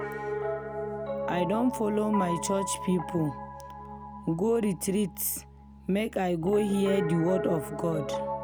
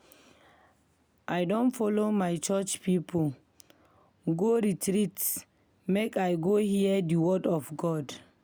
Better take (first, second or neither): second